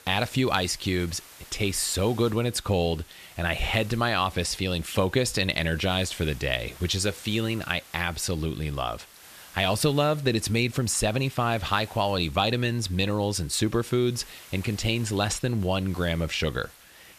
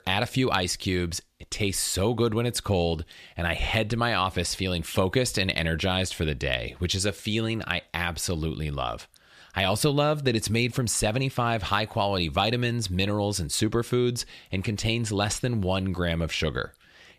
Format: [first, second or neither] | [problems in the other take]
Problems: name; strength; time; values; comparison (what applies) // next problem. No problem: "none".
second | hiss; faint; throughout; 20 dB below the speech